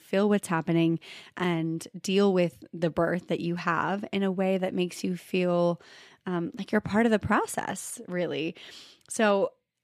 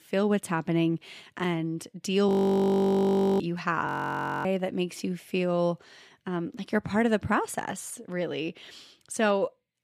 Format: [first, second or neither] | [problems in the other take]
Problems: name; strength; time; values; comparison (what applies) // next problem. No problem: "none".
first | audio freezing; at 2.5 s for 1 s and at 4 s for 0.5 s